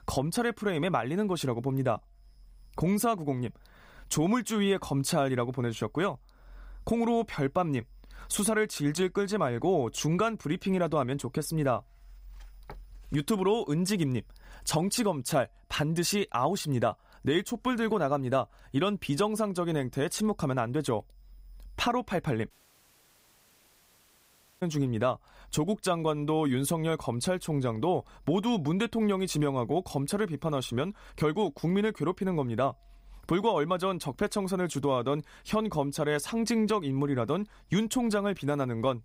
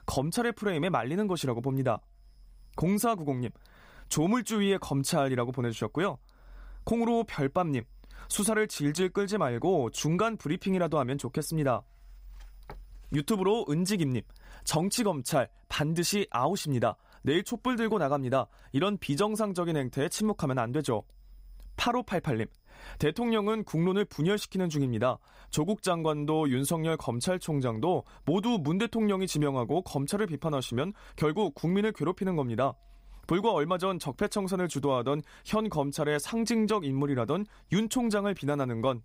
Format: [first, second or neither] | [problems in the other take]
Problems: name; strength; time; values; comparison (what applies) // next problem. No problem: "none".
second | audio cutting out; at 23 s for 2 s